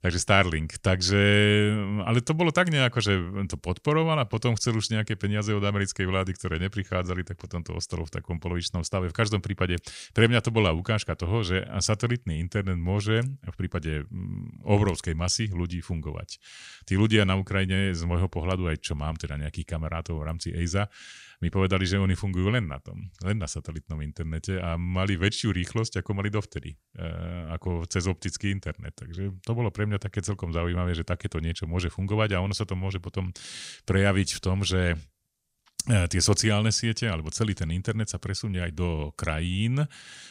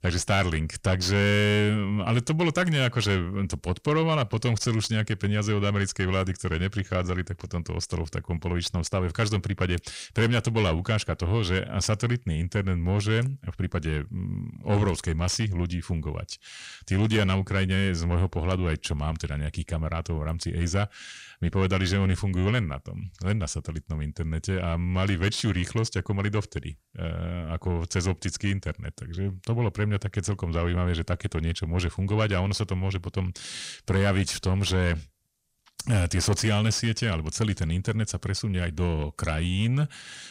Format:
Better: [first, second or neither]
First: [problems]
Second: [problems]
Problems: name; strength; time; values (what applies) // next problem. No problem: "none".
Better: first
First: none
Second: distortion; slight; 10 dB below the speech